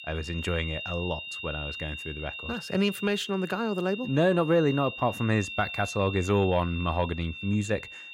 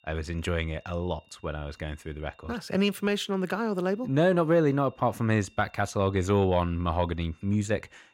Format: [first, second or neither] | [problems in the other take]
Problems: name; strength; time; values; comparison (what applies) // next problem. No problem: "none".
second | high-pitched whine; loud; throughout; 3 kHz, 9 dB below the speech; faint in the second